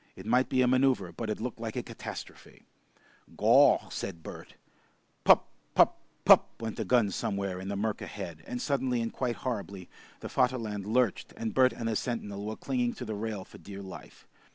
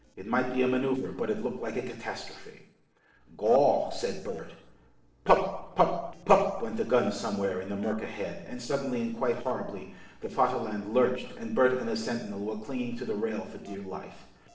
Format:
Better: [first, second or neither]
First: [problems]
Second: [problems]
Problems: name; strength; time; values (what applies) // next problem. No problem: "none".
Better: first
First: none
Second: noise reduction (neural separator model SepFormer DNS4)